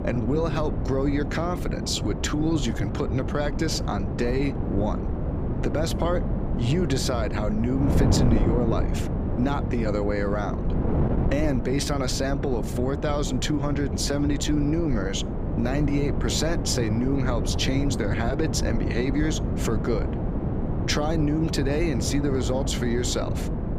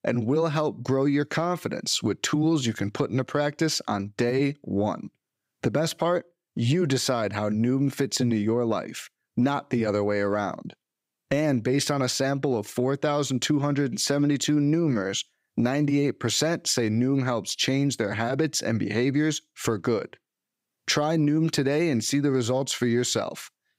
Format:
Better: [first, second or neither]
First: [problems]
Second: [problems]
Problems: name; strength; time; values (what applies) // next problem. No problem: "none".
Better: second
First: wind noise on the microphone; heavy; 6 dB below the speech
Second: none